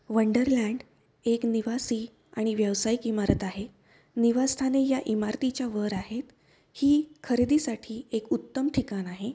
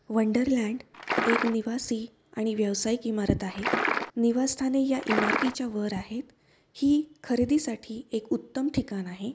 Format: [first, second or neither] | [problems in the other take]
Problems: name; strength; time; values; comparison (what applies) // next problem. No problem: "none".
first | background sound (Liquid); as loud as the speech